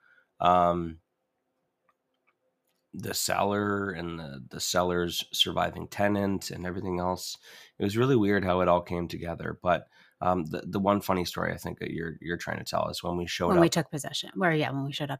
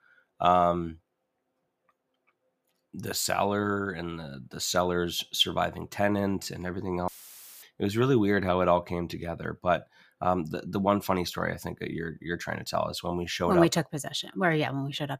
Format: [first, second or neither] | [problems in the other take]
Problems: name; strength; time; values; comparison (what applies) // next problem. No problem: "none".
first | audio cutting out; filled with static; at 7 s for 0.5 s